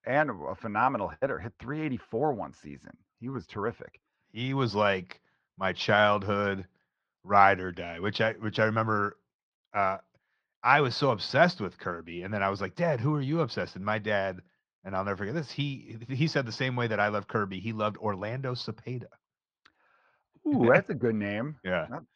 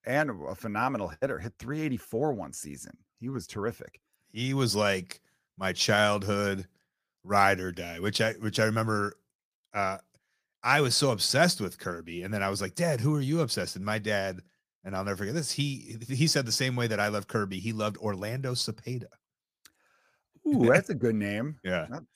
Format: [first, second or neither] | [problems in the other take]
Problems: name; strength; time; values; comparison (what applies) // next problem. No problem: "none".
second | muffled; slightly; fading above 4 kHz